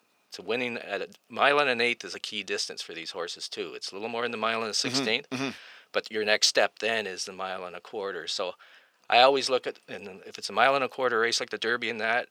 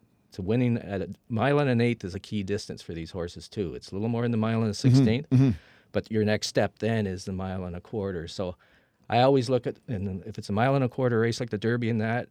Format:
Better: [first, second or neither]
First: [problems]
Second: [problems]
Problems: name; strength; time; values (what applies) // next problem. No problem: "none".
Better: second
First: thin; very; fading below 600 Hz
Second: none